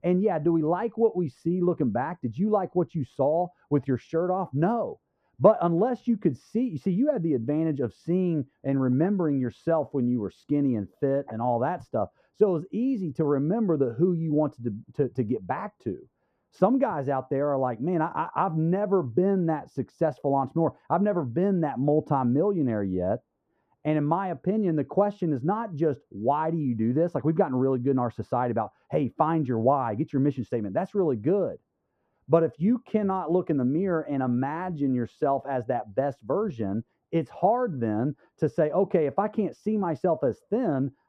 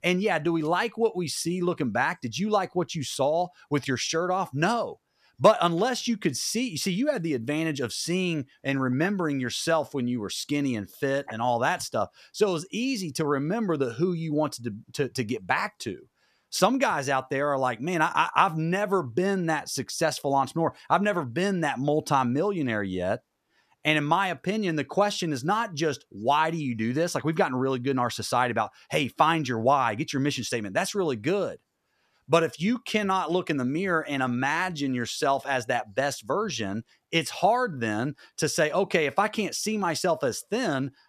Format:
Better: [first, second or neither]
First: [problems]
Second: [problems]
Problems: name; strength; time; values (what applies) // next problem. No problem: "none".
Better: second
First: muffled; very; fading above 2 kHz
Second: none